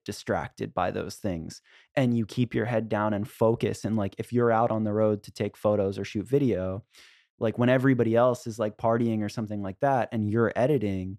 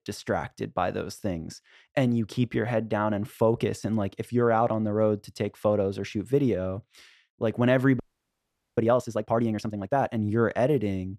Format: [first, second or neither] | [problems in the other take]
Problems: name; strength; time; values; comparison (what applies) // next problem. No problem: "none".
first | audio freezing; at 8 s for 1 s